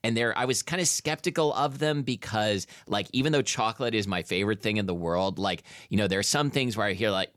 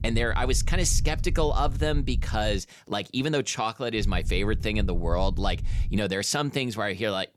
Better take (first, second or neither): first